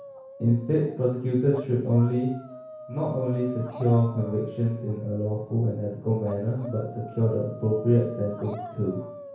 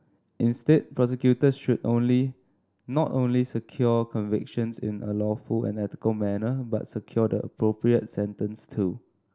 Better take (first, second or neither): second